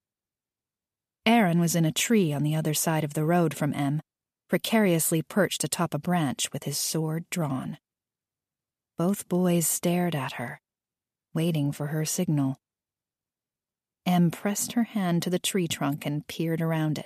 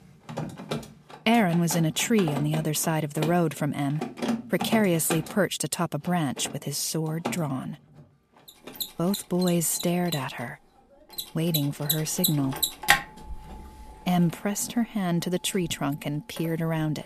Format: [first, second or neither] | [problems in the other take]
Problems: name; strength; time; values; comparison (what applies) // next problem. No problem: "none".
first | machinery noise; loud; throughout; 5 dB below the speech